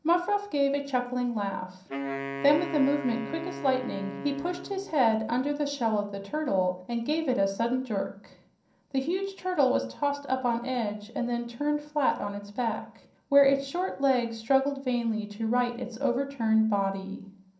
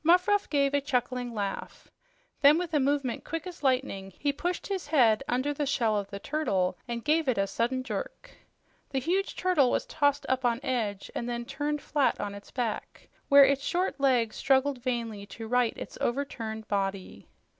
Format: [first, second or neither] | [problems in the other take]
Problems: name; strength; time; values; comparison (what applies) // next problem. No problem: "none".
second | background sound (Wind instrument, woodwind instrument); 9 dB below the speech // room echo; dies away in 0.6 s